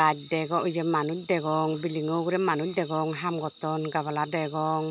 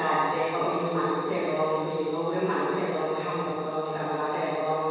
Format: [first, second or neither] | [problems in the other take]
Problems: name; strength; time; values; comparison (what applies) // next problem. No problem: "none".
first | room echo; dies away in 1.9 s